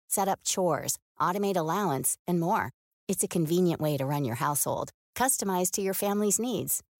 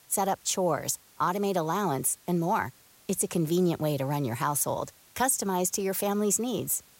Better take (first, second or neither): first